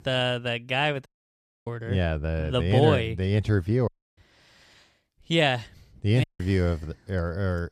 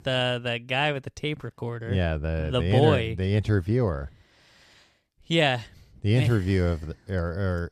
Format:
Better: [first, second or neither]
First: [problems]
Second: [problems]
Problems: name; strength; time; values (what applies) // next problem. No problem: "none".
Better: second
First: audio cutting out; at 1 s for 0.5 s, at 4 s and at 6 s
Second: none